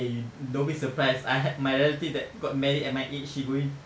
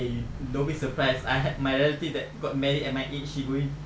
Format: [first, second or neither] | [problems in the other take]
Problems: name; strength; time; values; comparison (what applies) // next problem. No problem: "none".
first | background sound (Microwave oven); 11 dB below the speech